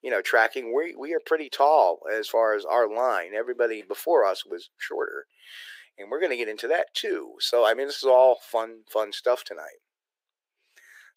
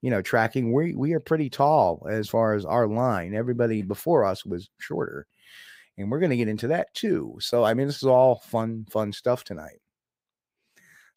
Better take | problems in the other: second | thin; very; fading below 400 Hz

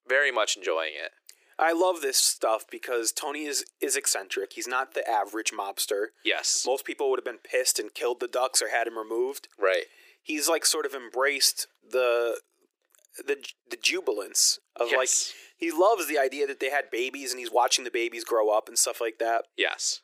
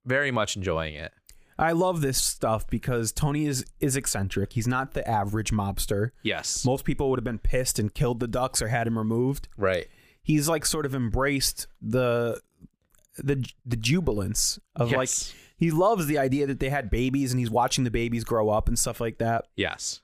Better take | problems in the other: second | thin; very; fading below 350 Hz

